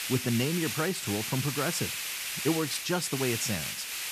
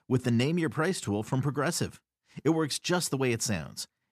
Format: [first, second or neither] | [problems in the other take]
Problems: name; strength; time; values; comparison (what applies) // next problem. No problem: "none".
second | hiss; loud; throughout; 2 dB below the speech